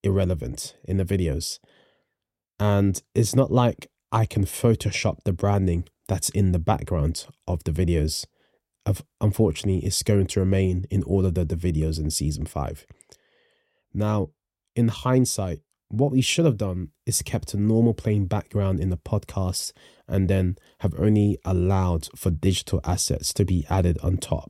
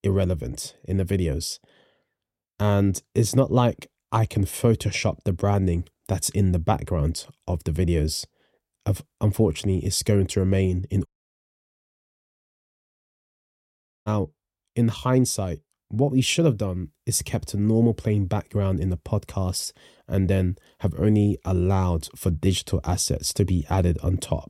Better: first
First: none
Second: audio cutting out; at 11 s for 3 s

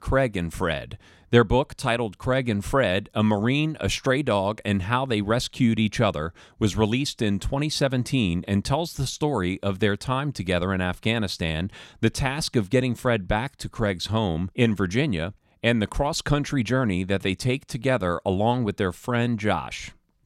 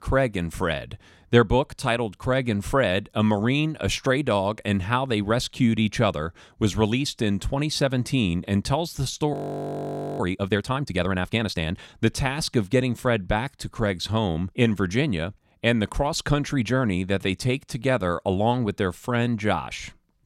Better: first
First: none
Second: audio freezing; at 9.5 s for 1 s

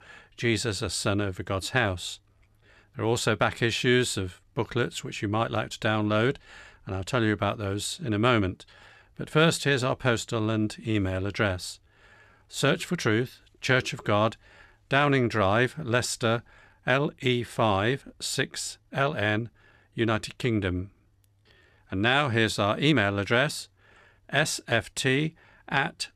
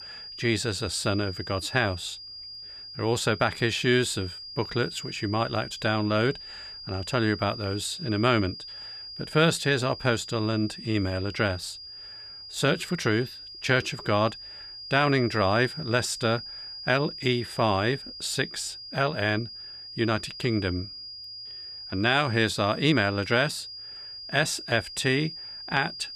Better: first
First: none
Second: high-pitched whine; noticeable; throughout; 5 kHz, 10 dB below the speech

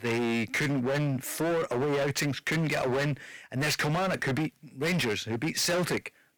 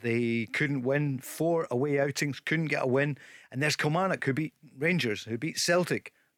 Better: second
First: distortion; heavy; 28% of the sound clipped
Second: none

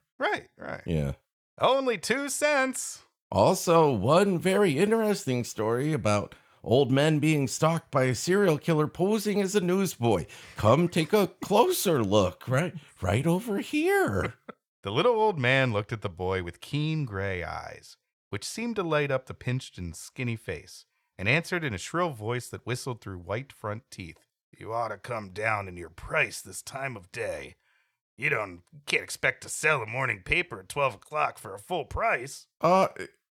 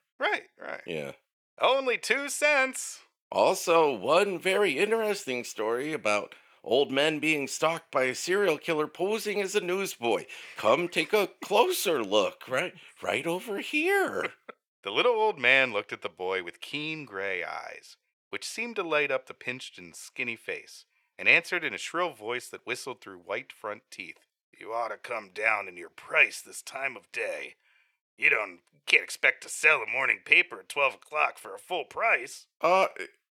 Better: first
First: none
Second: thin; somewhat; fading below 400 Hz

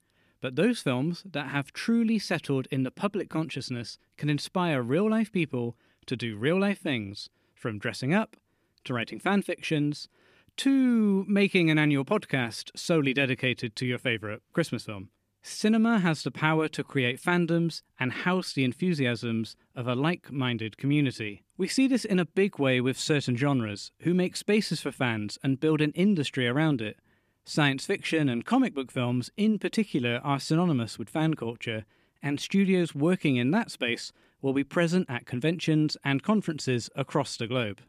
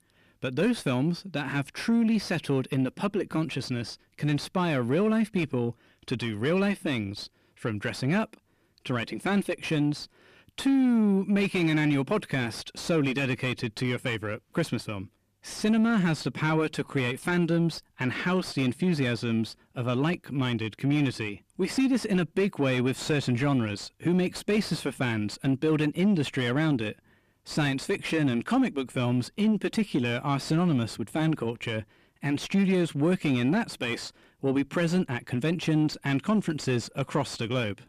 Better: first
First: none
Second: distortion; slight; 10 dB below the speech

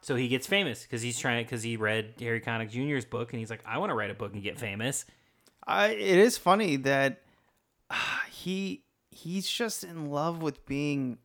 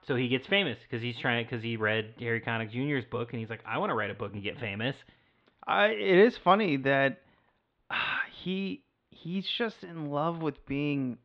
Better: first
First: none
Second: muffled; very; fading above 3.5 kHz

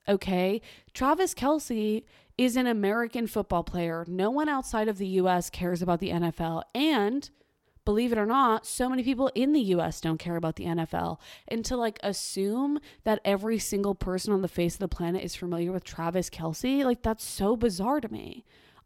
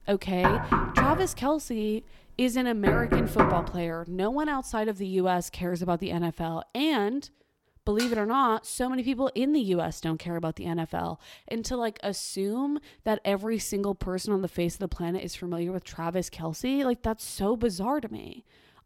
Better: first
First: none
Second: door banging; loud; until 3.5 s; peak 5 dB above the speech // clattering dishes; noticeable; at 8 s; peak 7 dB below the speech

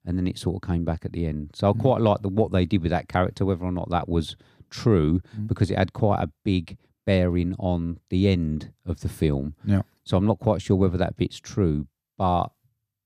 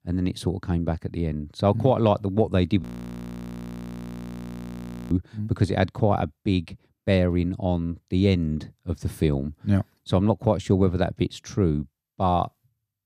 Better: first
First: none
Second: audio freezing; at 3 s for 2.5 s

